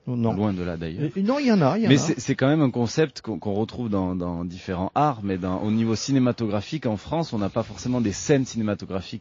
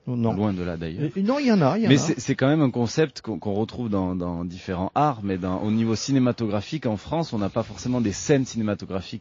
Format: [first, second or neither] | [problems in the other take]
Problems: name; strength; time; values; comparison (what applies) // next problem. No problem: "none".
neither | garbled, watery; slightly; nothing above 7 kHz; the same in both